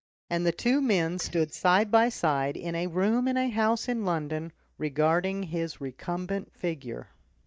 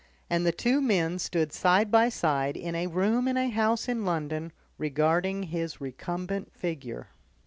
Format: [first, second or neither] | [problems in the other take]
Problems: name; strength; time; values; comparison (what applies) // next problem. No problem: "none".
second | noise reduction (neural mask model DeepFilterNet 3)